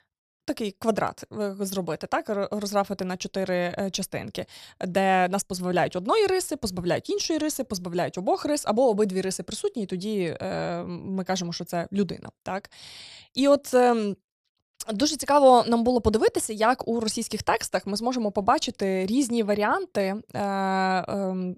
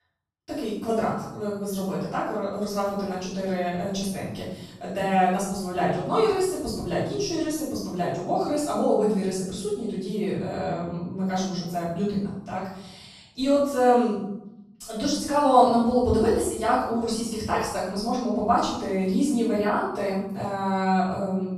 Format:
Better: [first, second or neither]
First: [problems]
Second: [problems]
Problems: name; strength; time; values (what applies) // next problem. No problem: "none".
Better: first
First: none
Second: off-mic speech; far // room echo; strong; dies away in 0.9 s